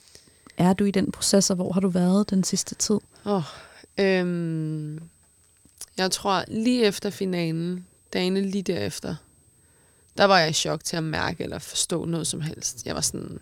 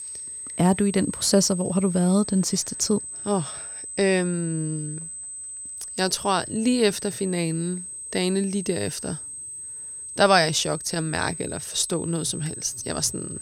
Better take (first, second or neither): first